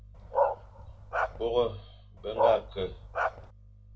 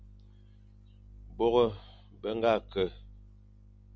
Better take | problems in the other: second | background sound (Bark); 2 dB above the speech // room echo; dies away in 0.2 s

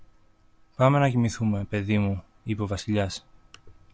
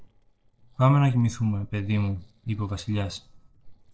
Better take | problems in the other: first | noise reduction (neural separator model SepFormer DNS4)

